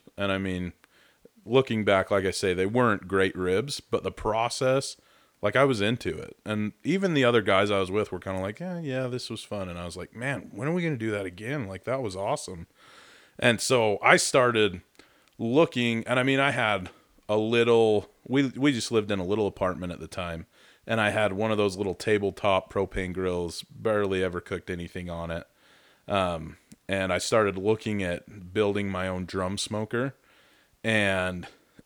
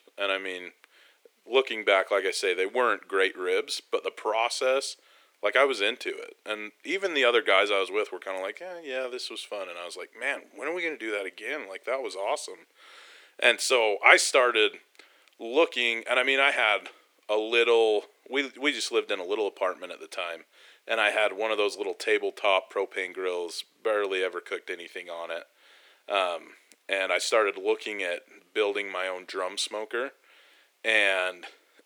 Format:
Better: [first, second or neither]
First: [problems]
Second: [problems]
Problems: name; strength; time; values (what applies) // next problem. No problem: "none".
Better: first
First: none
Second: thin; very; fading below 350 Hz